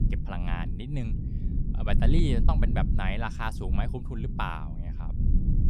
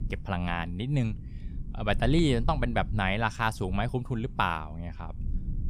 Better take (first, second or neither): second